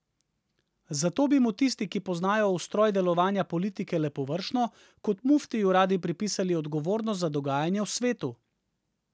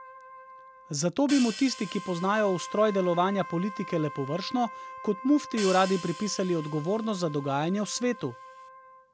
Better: first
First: none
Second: background sound (Hi-hat + Wind instrument, woodwind instrument); 13 dB below the speech

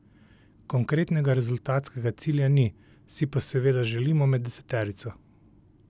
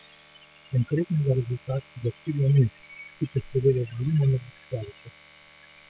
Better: first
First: none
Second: noise reduction (classical method spectral subtraction)

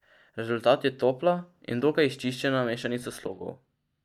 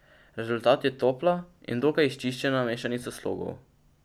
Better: second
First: noise reduction (neural mask model DeepFilterNet 3)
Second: none

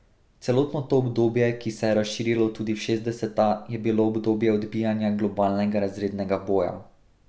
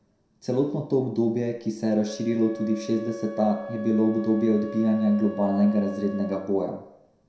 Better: first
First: none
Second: background sound (Wind instrument, woodwind instrument); 15 dB below the speech // room echo; dies away in 0.6 s

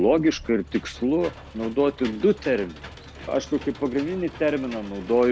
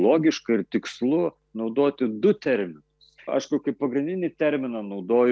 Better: second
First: background sound (Engine / Mechanisms); 17 dB below the speech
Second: none

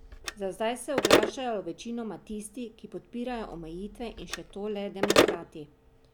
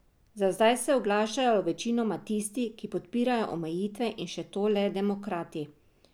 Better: second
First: background sound (Telephone); 5 dB above the speech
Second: none

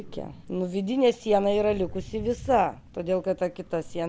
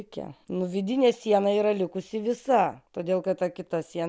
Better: second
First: background sound (Crow); 15 dB below the speech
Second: none

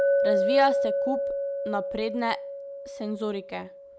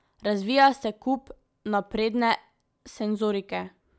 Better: second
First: background sound (Chink, clink); 3 dB above the speech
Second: none

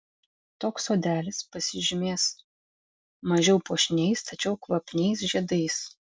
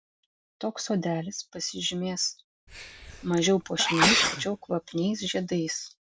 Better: first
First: none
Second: background sound (Sneeze); 1 dB above the speech

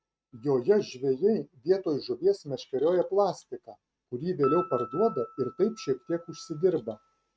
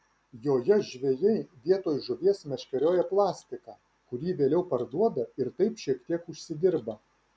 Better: second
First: noise reduction (neural mask model RNNoise)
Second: none

